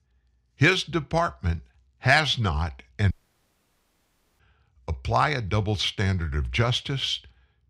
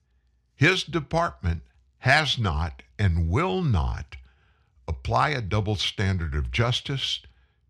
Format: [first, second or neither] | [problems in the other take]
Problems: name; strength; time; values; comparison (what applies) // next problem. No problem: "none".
second | audio cutting out; at 3 s for 1.5 s